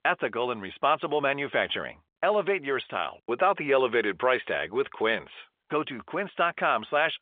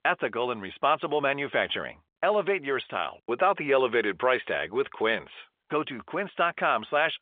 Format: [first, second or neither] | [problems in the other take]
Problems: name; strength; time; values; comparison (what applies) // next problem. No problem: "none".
neither | phone-call audio; nothing above 3.5 kHz; the same in both